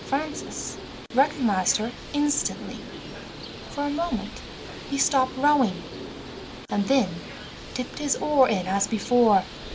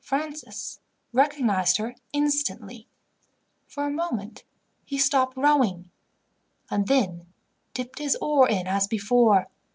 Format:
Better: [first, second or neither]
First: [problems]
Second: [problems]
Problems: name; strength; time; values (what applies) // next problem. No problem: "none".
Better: second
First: background sound (Bird); 12 dB below the speech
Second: none